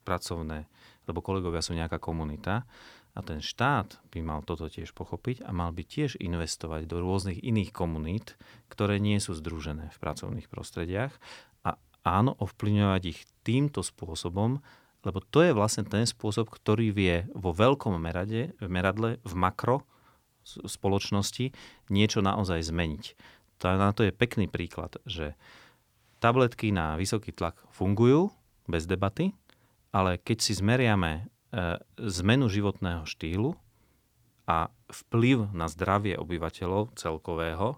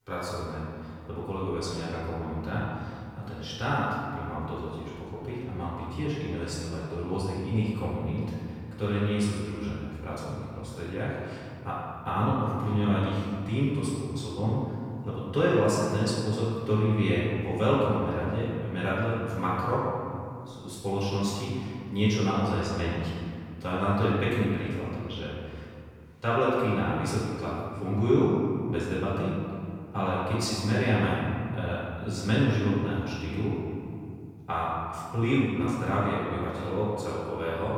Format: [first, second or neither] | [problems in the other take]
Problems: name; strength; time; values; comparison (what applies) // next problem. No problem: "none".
first | room echo; strong; dies away in 2.2 s // off-mic speech; far